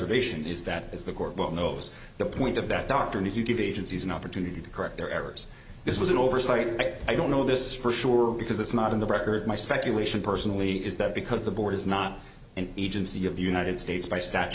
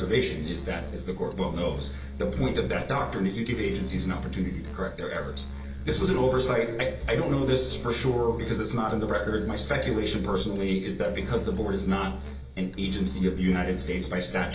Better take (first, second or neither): first